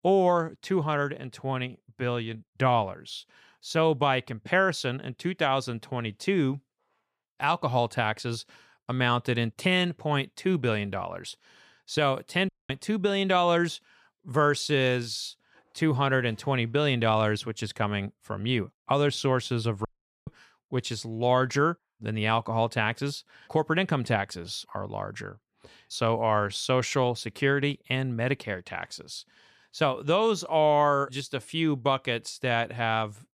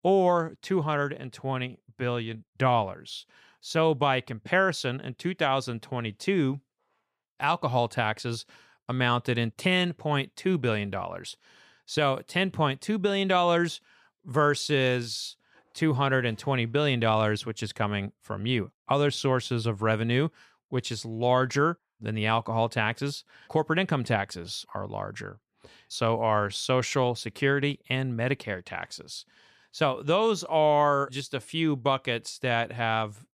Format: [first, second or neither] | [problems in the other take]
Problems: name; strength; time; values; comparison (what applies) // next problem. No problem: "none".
second | audio cutting out; at 12 s and at 20 s